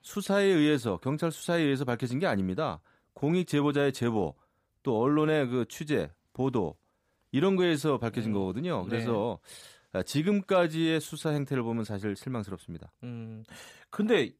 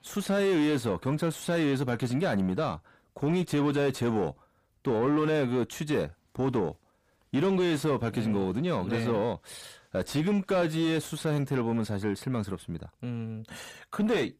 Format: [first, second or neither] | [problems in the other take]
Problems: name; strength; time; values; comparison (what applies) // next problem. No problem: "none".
first | distortion; slight; 10 dB below the speech